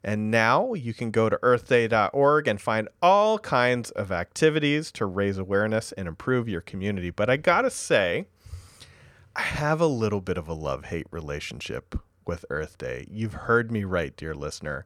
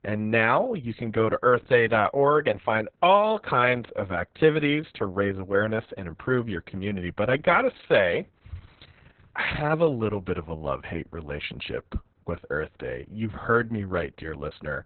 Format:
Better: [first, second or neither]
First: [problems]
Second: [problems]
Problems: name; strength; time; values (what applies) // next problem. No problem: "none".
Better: first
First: none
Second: garbled, watery; badly; nothing above 3.5 kHz